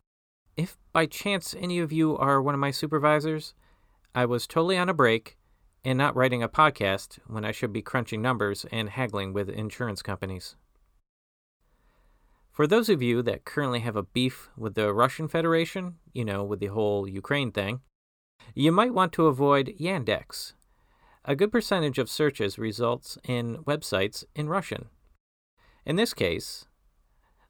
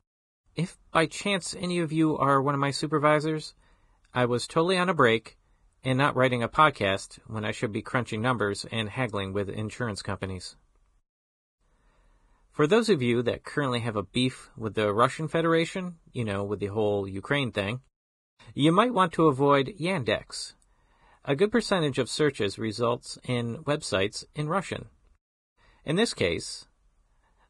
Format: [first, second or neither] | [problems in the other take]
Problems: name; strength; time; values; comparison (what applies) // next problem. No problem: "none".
first | garbled, watery; badly